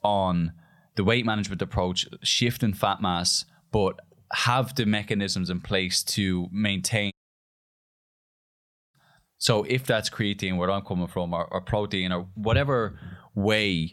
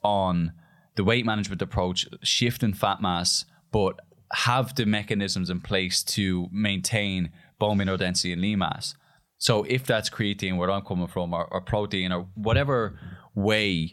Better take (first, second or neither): second